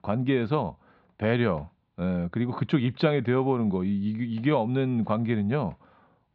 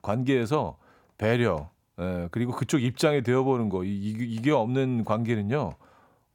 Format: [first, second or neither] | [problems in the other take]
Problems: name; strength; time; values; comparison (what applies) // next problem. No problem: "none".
second | muffled; very slightly; fading above 4 kHz